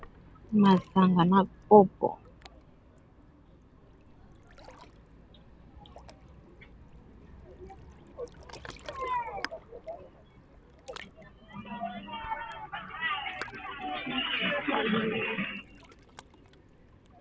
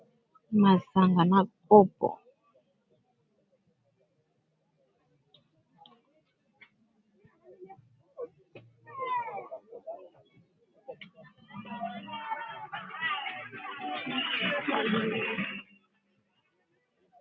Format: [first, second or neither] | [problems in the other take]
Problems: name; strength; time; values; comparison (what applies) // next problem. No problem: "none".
second | background sound (Ocean); 19 dB below the speech